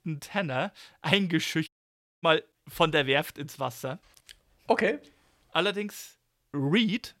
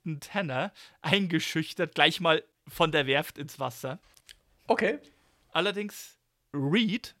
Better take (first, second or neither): second